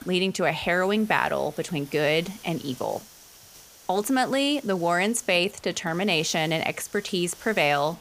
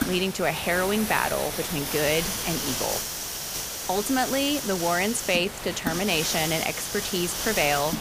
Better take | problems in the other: first | hiss; loud; throughout; 3 dB below the speech; faint in the first

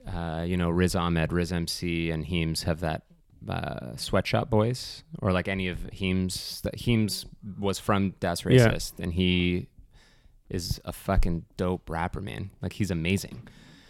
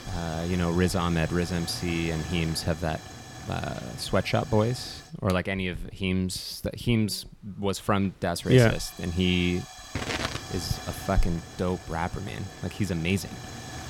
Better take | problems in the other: first | hiss; noticeable; throughout; 10 dB below the speech

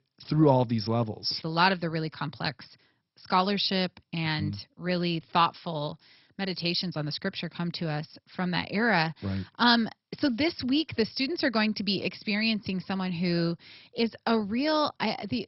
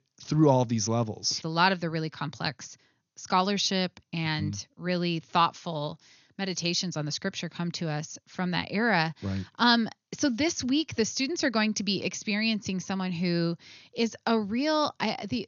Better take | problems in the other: second | garbled, watery; badly; nothing above 5.5 kHz; slightly in the second

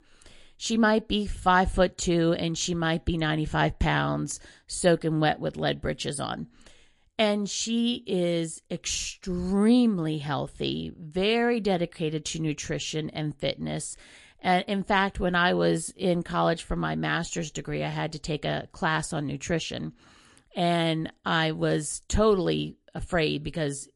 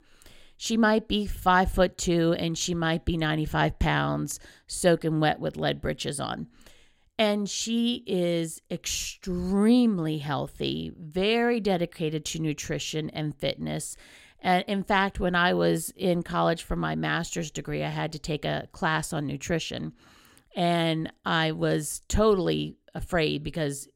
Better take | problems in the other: second | garbled, watery; slightly

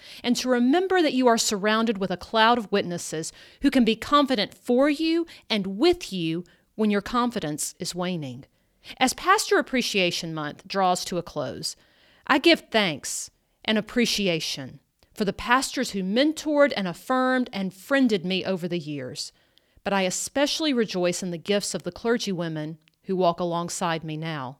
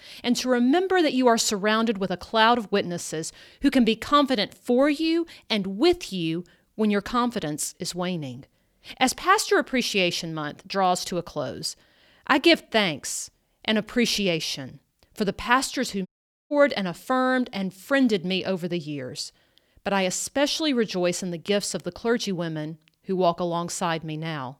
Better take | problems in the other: first | audio cutting out; at 16 s

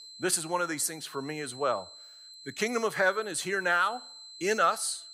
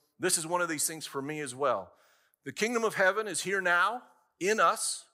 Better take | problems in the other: second | high-pitched whine; noticeable; throughout; 4 kHz, 15 dB below the speech

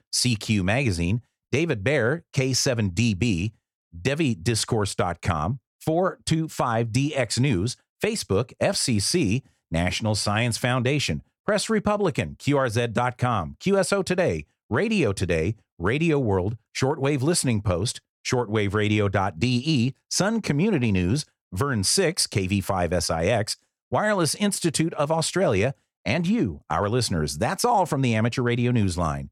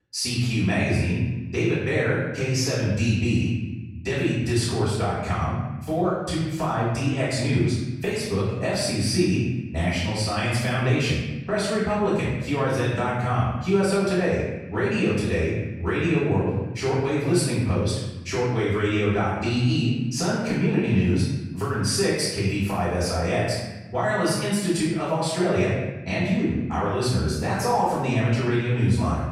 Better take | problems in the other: first | off-mic speech; far // room echo; noticeable; dies away in 1.1 s

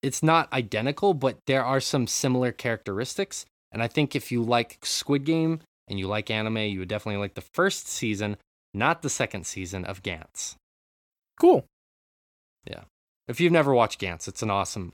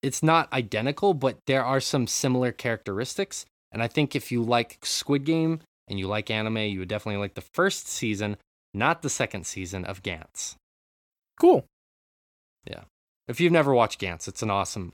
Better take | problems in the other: neither | none

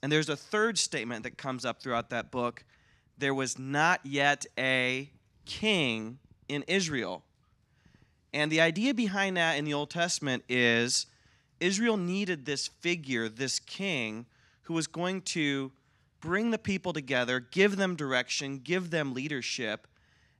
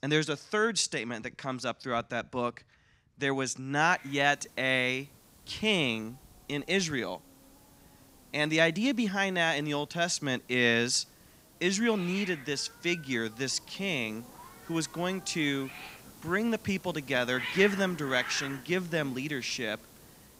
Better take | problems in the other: first | hiss; noticeable; from 4 s on; 15 dB below the speech

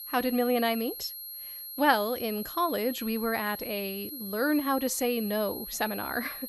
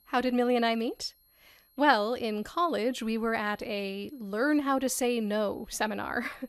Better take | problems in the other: second | high-pitched whine; loud; throughout; 11.5 kHz, 8 dB below the speech; faint in the second

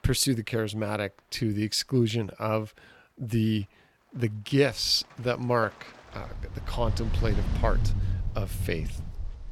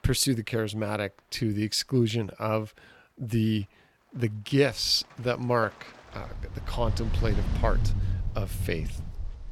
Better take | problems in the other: neither | rain or running water; loud; throughout; 5 dB below the speech; the same in both

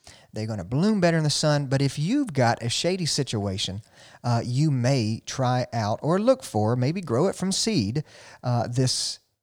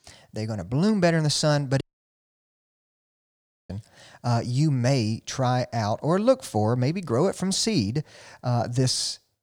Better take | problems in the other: first | audio cutting out; at 2 s for 2 s

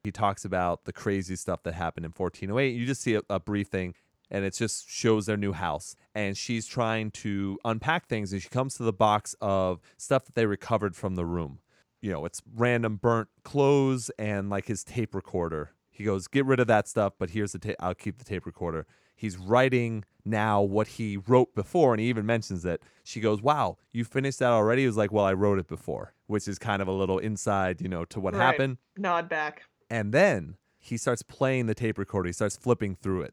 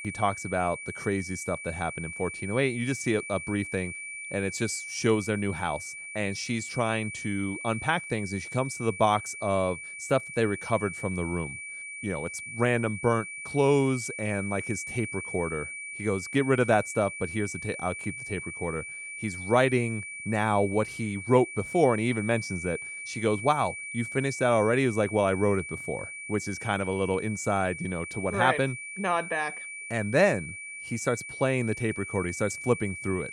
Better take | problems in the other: first | high-pitched whine; loud; throughout; 2.5 kHz, 8 dB below the speech

